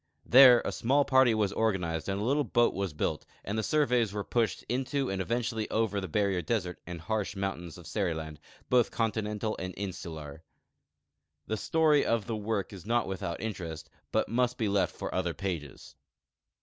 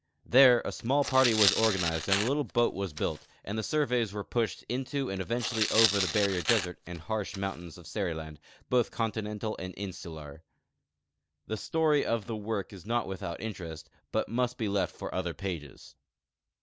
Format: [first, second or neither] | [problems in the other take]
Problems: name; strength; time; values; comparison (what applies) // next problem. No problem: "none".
first | background sound (Tearing); 3 dB below the speech